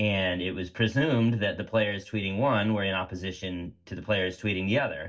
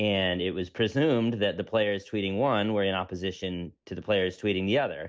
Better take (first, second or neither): second